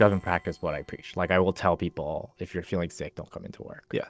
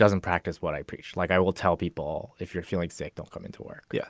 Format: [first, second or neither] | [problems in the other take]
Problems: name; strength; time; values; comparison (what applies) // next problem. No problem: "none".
second | noise reduction (neural separator model SepFormer DNS4)